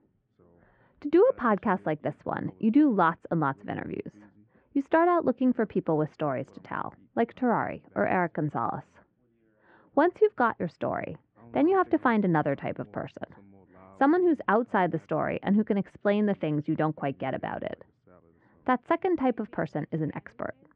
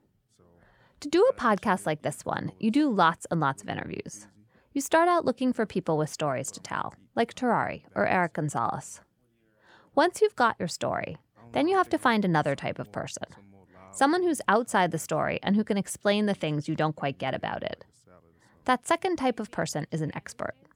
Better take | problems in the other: second | muffled; very; fading above 2.5 kHz

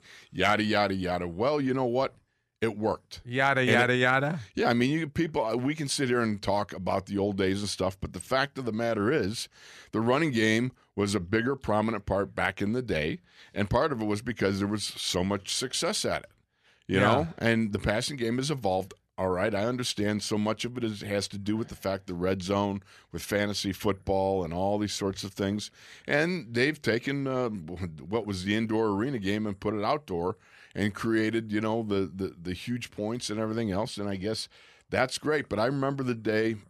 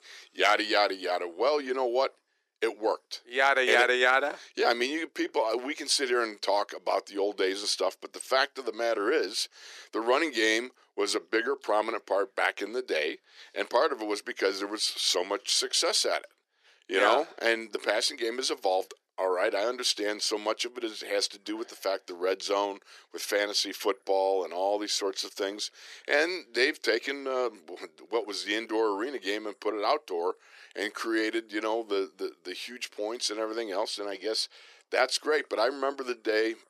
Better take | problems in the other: first | thin; very; fading below 350 Hz

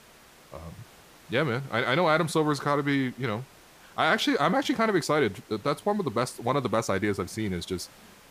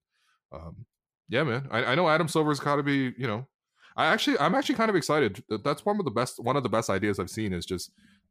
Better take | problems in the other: second | hiss; faint; throughout; 25 dB below the speech

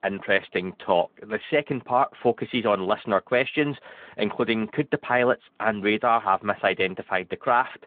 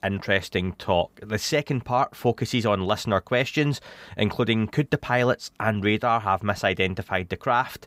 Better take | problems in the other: second | phone-call audio

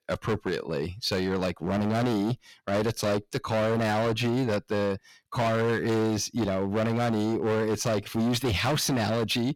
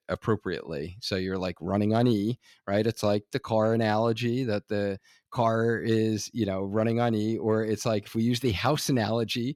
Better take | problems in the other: second | distortion; heavy; 24% of the sound clipped

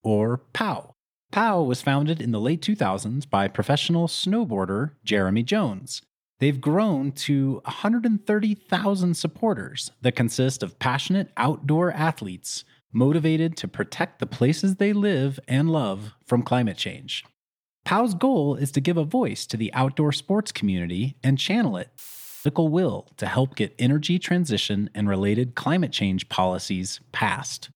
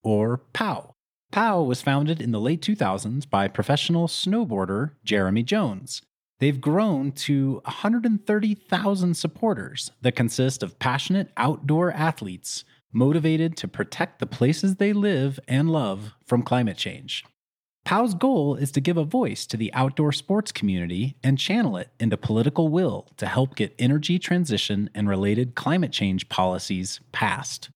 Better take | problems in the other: second | audio cutting out; filled with static; at 22 s

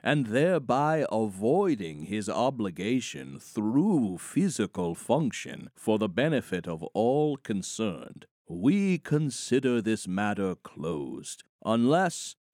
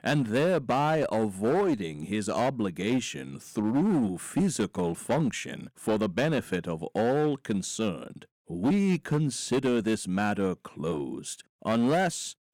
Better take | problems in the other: first | distortion; slight; 12% of the sound clipped

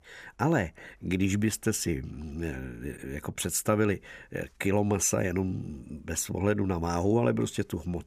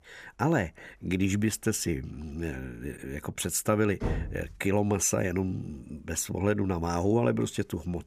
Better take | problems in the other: first | door banging; noticeable; at 4 s; peak 4 dB below the speech

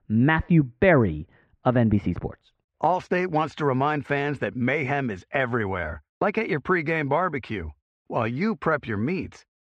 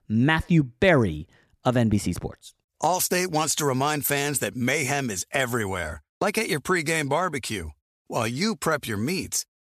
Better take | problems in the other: second | muffled; very; fading above 2.5 kHz

